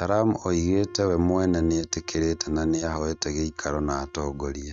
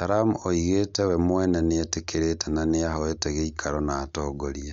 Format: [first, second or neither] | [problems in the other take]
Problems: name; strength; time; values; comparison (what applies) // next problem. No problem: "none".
second | noise reduction (neural mask model RNNoise)